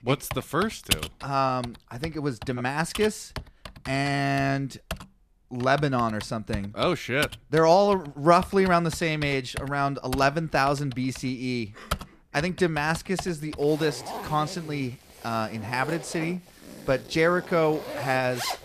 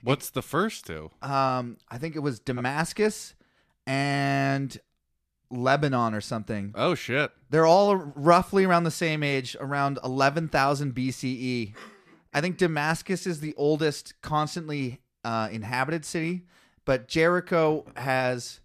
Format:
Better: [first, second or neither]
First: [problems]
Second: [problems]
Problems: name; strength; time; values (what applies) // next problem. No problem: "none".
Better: second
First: household noises; noticeable; throughout; 10 dB below the speech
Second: none